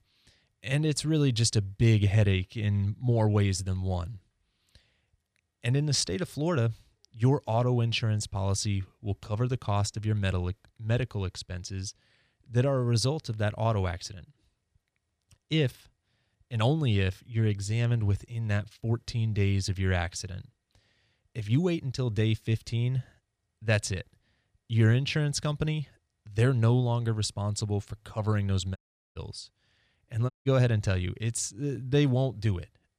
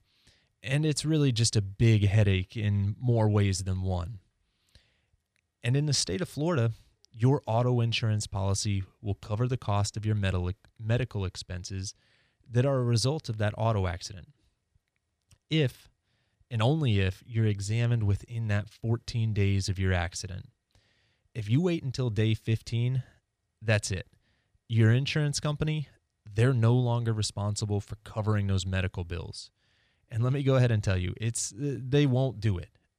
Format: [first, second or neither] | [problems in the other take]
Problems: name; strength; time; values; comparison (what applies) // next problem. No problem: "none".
second | audio cutting out; at 29 s and at 30 s